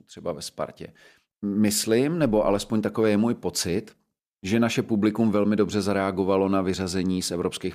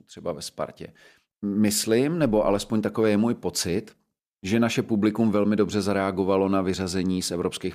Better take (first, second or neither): neither